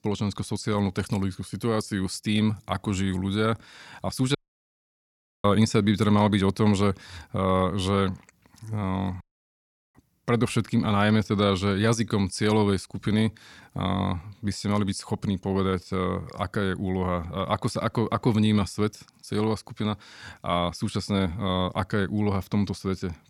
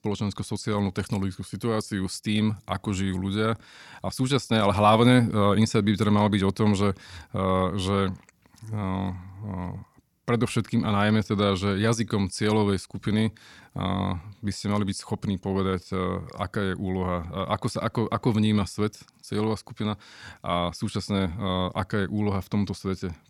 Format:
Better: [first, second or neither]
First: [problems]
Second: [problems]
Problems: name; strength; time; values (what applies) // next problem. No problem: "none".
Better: second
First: audio cutting out; at 4.5 s for 1 s and at 9 s for 0.5 s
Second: none